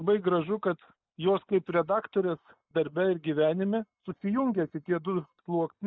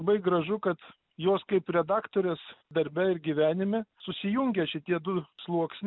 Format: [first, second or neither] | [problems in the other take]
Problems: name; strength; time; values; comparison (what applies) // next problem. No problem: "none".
second | noise reduction (neural mask model DeepFilterNet 3)